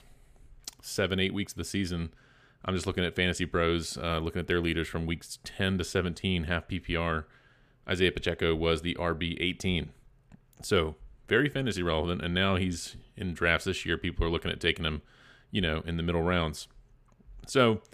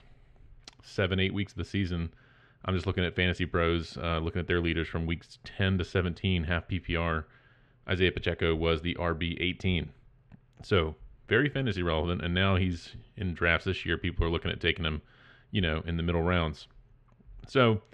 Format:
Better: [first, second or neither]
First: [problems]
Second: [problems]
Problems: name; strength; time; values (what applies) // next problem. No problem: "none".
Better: first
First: none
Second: muffled; slightly; fading above 3 kHz